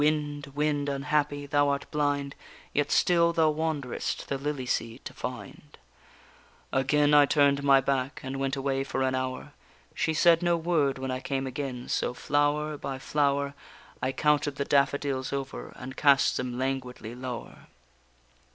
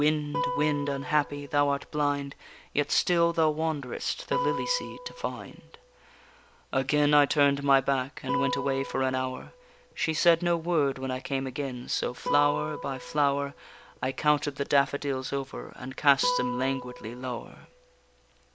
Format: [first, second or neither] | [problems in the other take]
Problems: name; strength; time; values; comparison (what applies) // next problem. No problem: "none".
first | background sound (Guitar); 10 dB below the speech